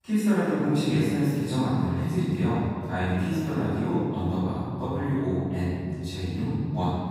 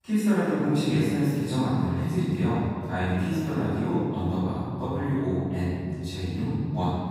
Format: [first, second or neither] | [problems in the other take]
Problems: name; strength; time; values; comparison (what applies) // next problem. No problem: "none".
neither | off-mic speech; far; the same in both // room echo; strong; dies away in 2.6 s; the same in both